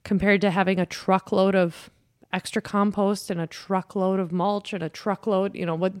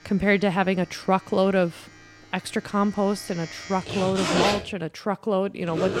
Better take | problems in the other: first | household noises; loud; throughout; 3 dB below the speech

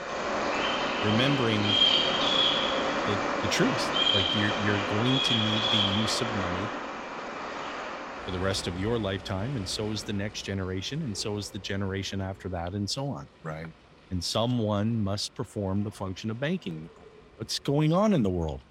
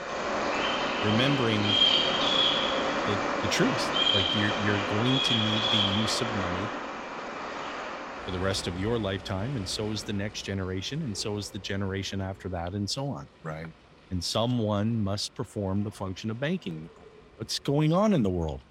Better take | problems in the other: neither | animal sounds; very loud; throughout; 4 dB above the speech; the same in both

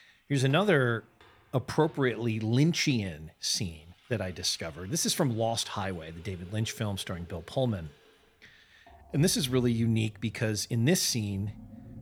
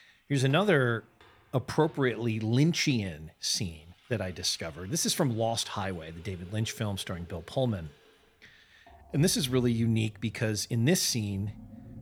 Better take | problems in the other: neither | household noises; faint; throughout; 25 dB below the speech; the same in both

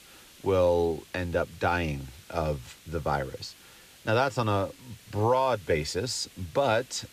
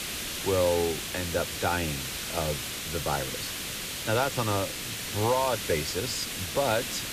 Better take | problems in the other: first | hiss; loud; throughout; 2 dB below the speech; faint in the first

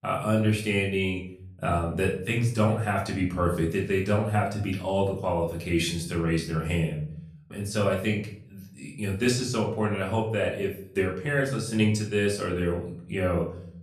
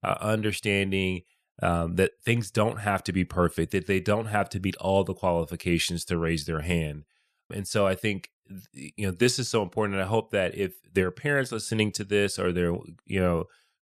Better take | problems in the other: second | room echo; slight; dies away in 0.6 s // off-mic speech; far

